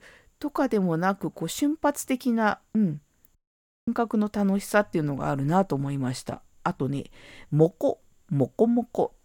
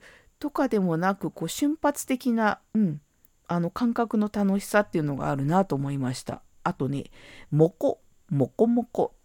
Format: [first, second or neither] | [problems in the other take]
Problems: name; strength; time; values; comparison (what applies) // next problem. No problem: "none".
second | audio cutting out; at 3.5 s for 0.5 s